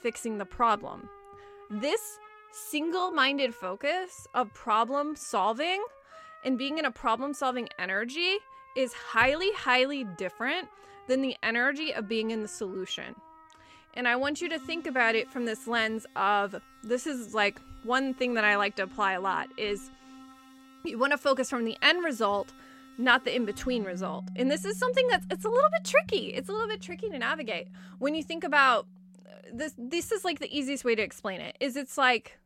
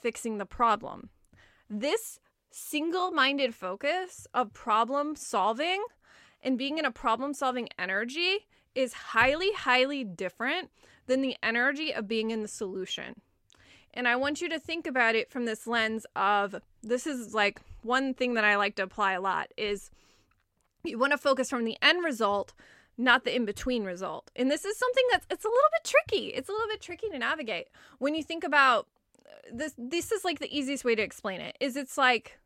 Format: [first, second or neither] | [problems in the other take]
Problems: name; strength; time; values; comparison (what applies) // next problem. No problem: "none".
second | background music; faint; throughout; 20 dB below the speech